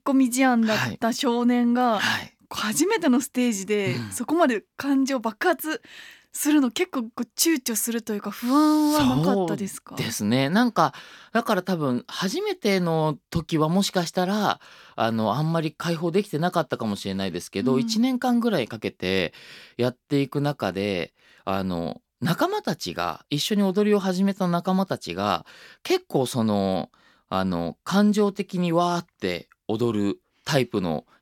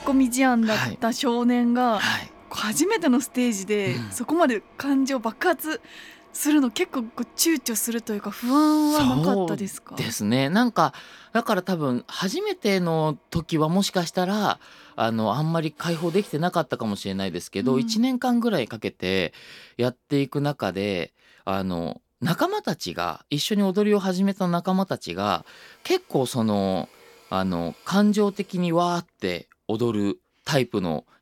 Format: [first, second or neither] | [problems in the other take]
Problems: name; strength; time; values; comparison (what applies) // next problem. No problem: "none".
first | machinery noise; faint; throughout; 25 dB below the speech